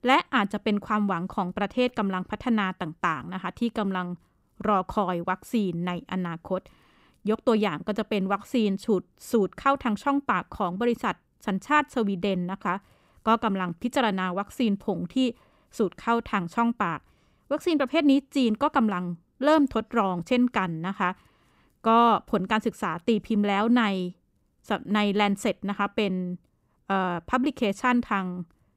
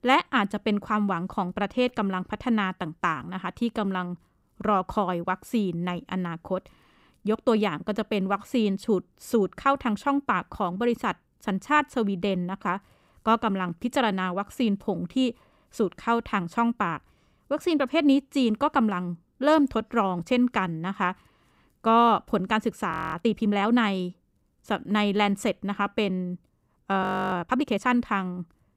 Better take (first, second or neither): first